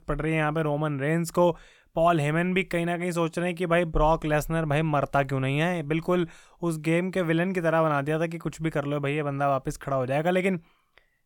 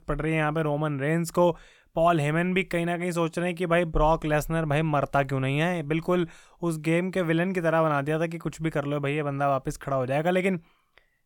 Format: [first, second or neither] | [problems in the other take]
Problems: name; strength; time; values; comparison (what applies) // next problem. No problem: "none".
neither | none